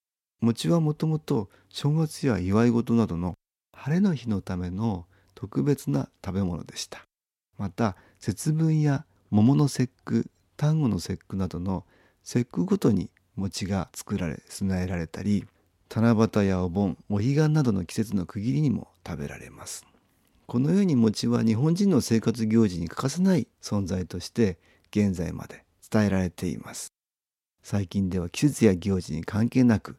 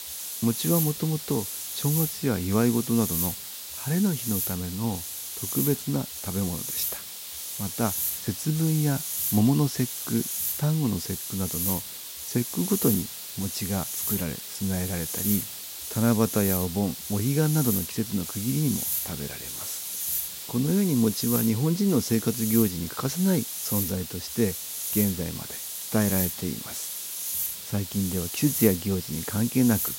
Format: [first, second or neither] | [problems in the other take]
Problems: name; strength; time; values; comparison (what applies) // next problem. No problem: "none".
first | hiss; loud; throughout; 3 dB below the speech